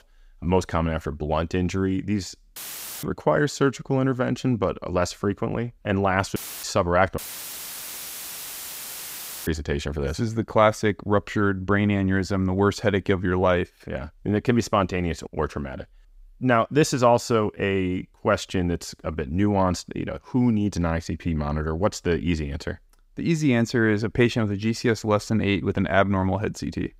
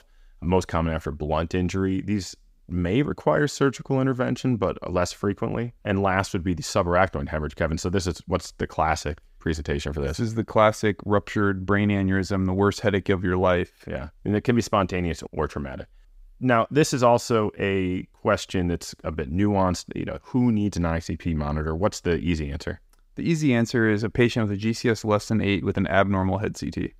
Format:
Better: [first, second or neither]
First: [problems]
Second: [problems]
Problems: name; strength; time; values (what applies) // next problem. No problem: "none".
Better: second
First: audio cutting out; filled with static; at 2.5 s, at 6.5 s and at 7 s for 2.5 s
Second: none